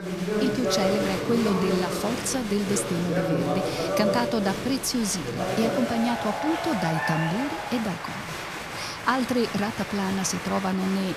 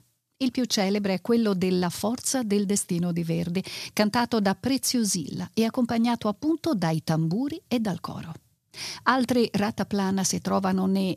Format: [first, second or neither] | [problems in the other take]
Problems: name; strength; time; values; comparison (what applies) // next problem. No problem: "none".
second | crowd noise; loud; throughout; 2 dB below the speech